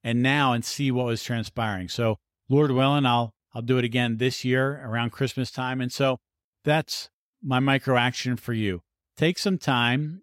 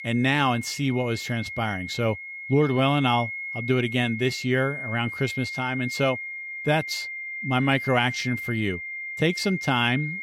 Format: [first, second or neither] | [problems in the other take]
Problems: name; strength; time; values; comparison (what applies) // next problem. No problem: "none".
first | high-pitched whine; loud; throughout; 2 kHz, 7 dB below the speech